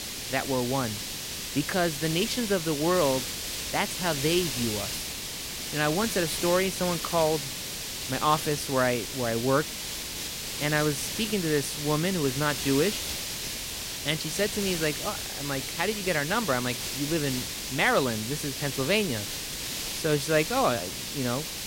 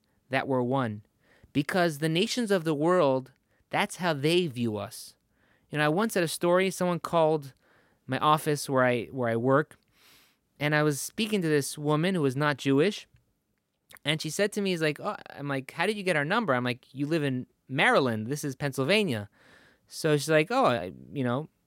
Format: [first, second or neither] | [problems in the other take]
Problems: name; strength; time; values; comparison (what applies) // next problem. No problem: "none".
second | hiss; loud; throughout; 3 dB below the speech